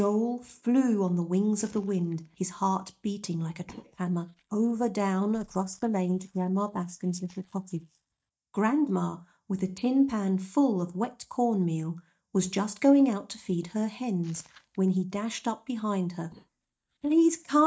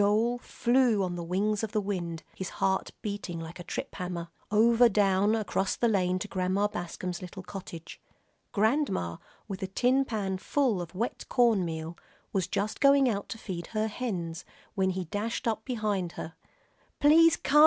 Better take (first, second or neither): second